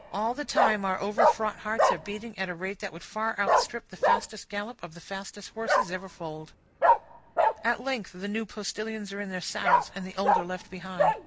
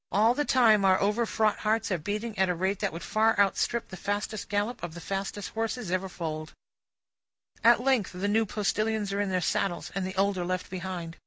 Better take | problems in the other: second | background sound (Bark); 4 dB above the speech

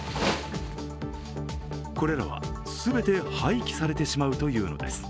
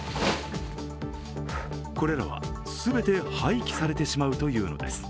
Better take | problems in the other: first | background sound (Breathing); 18 dB below the speech

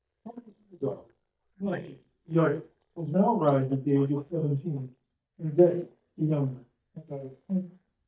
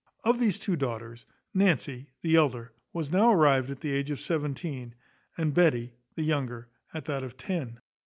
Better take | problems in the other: second | noise reduction (neural mask model DeepFilterNet 3)

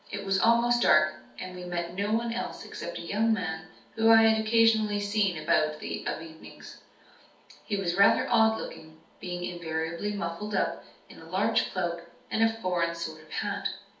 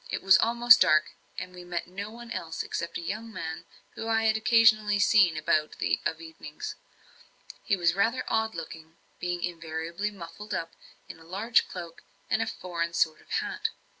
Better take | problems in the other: second | room echo; dies away in 0.6 s

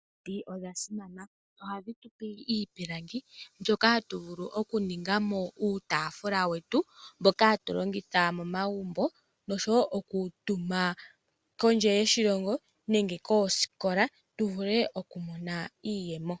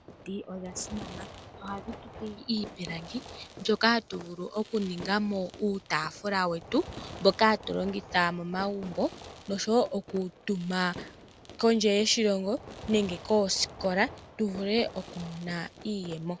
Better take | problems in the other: first | background sound (Fireworks); 16 dB below the speech

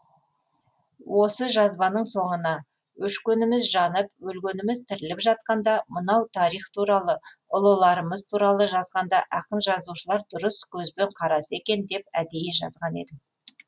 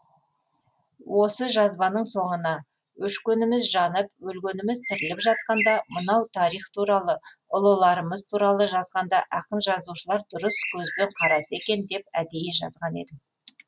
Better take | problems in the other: first | background sound (Bird); 6 dB below the speech

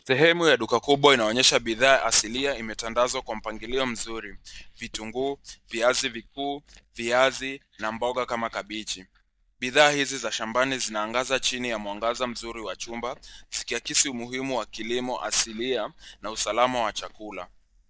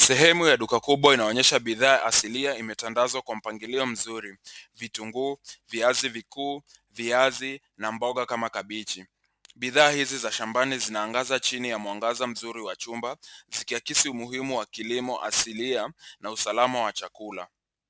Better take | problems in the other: second | noise reduction (neural mask model DeepFilterNet 3)

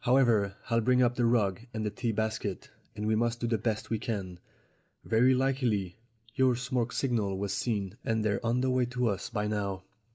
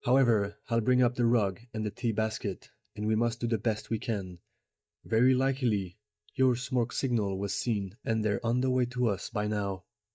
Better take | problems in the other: first | noise reduction (neural mask model DeepFilterNet 3)

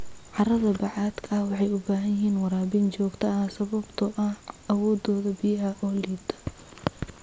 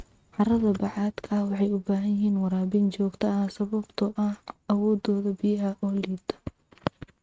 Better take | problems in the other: first | noise reduction (neural mask model RNNoise)

